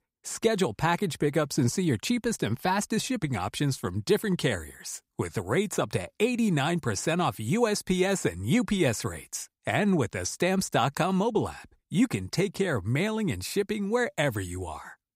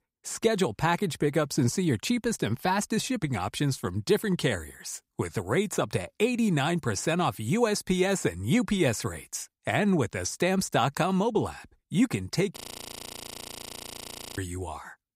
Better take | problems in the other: first | audio freezing; at 13 s for 2 s

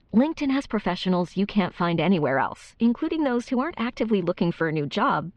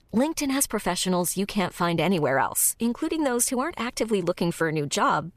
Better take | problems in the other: second | muffled; slightly; fading above 4 kHz

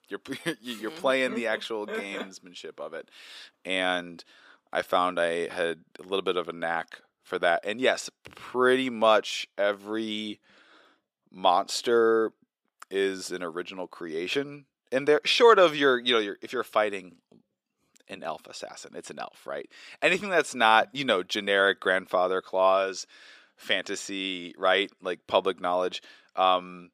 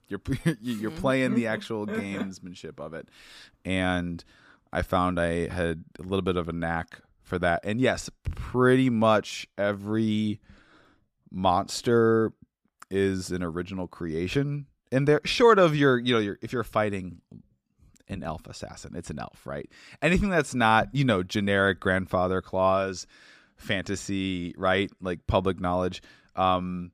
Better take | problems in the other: second | thin; somewhat; fading below 450 Hz

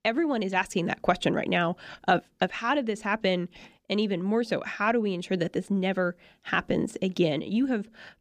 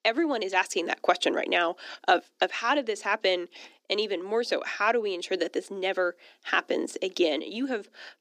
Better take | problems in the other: first | thin; somewhat; fading below 300 Hz

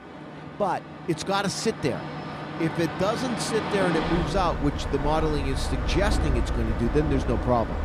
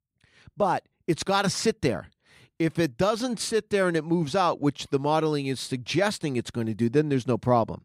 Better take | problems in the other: second | train or aircraft noise; loud; throughout; 3 dB below the speech

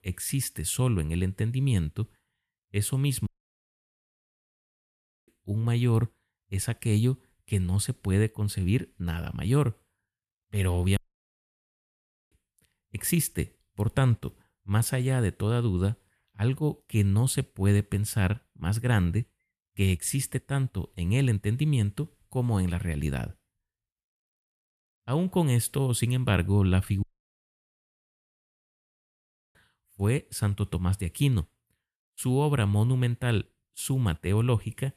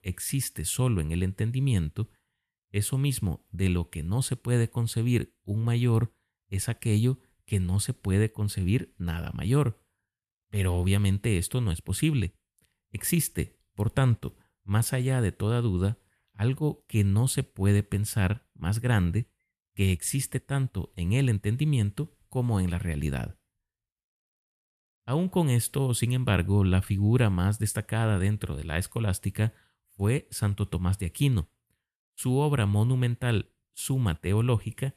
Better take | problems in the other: second | audio cutting out; at 3.5 s for 2 s, at 11 s for 1.5 s and at 27 s for 2.5 s

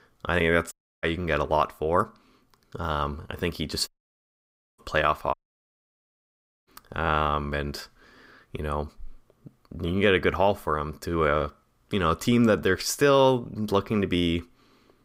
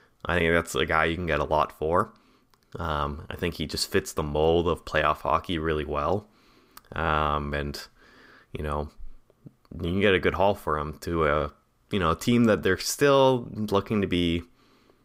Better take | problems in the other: second | audio cutting out; at 0.5 s, at 4 s for 1 s and at 5.5 s for 1.5 s

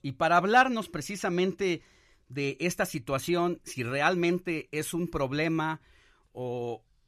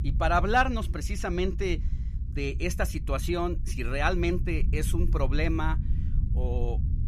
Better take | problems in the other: first | low rumble; noticeable; throughout; 20 dB below the speech

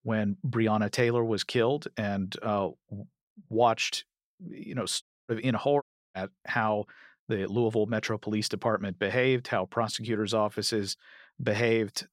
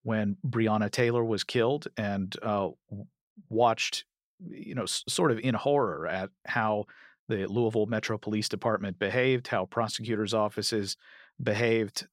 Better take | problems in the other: second | audio cutting out; at 5 s and at 6 s

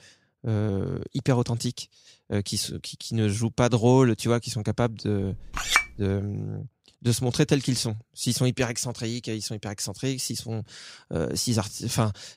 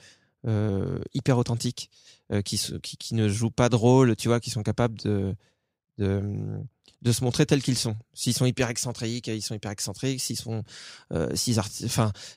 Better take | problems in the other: second | clattering dishes; loud; at 5.5 s; peak 4 dB above the speech

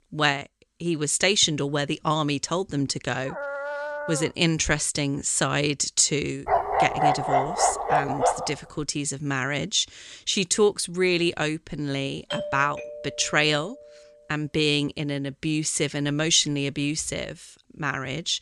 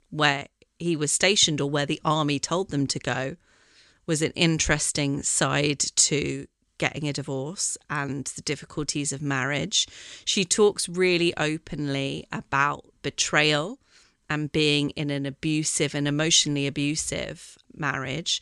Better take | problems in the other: second | dog barking; noticeable; from 3 to 4.5 s; peak 6 dB below the speech // dog barking; loud; from 6.5 to 8.5 s; peak 3 dB above the speech // doorbell; noticeable; from 12 to 14 s; peak 7 dB below the speech

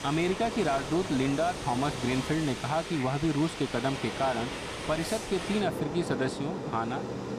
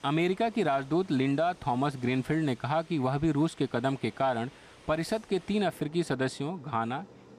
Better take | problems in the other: second | train or aircraft noise; loud; throughout; 6 dB below the speech; faint in the second

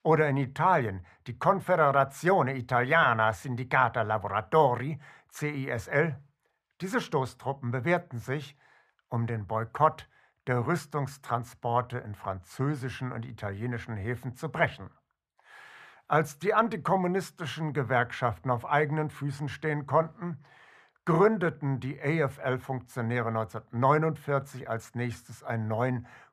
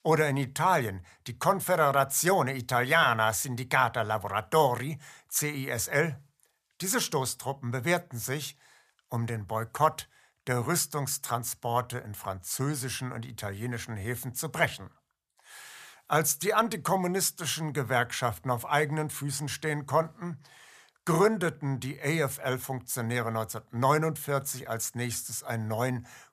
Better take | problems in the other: second | muffled; very; fading above 4 kHz

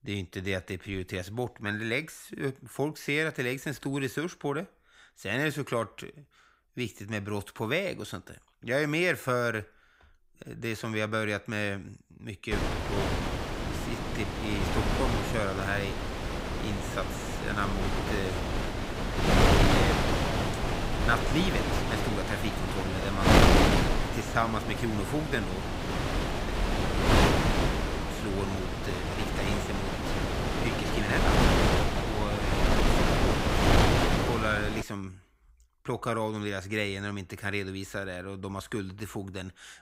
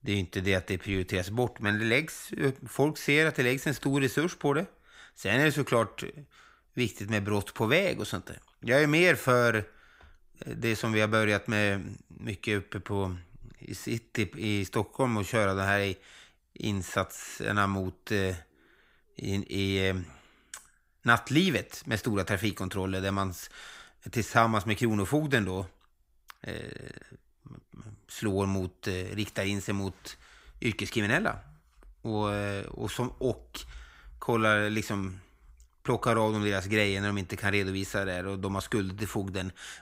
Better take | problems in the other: second | wind noise on the microphone; heavy; from 13 to 35 s; 4 dB above the speech

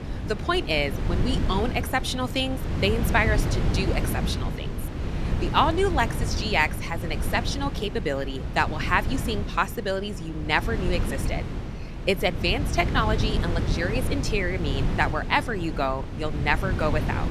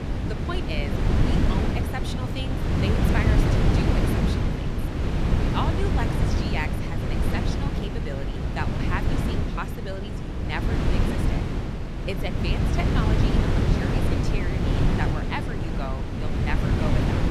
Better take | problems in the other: first | wind noise on the microphone; heavy; 3 dB above the speech; occasional gusts in the first

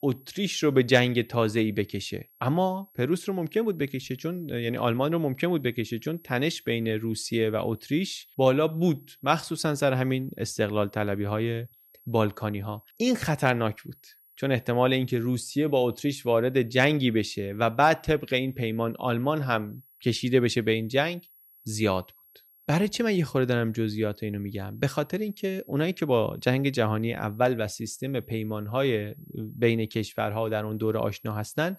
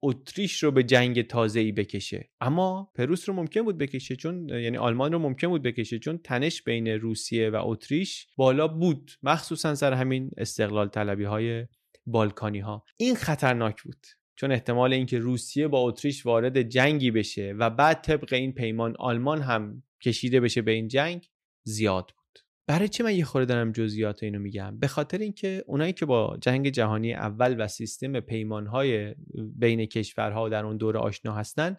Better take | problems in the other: second | high-pitched whine; faint; throughout; 11.5 kHz, 25 dB below the speech

